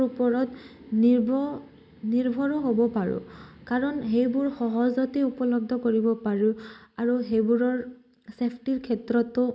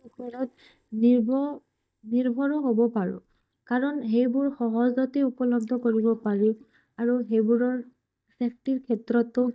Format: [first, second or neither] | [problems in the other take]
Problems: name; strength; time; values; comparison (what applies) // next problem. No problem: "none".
first | noise reduction (neural mask model DeepFilterNet 3)